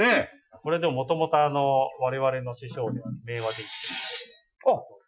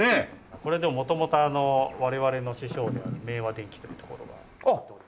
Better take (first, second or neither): second